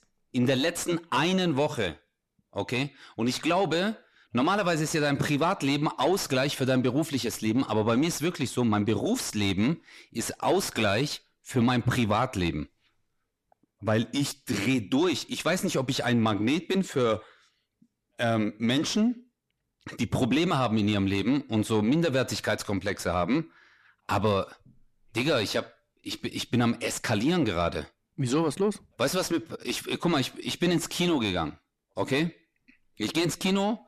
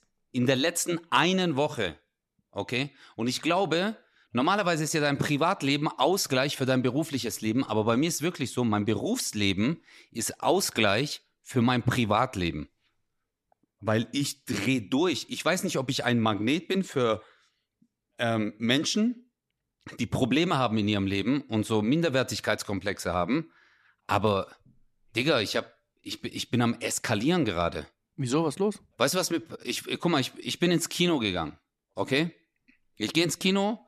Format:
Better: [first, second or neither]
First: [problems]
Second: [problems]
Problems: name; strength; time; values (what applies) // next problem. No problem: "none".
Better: second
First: distortion; slight; 10 dB below the speech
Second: none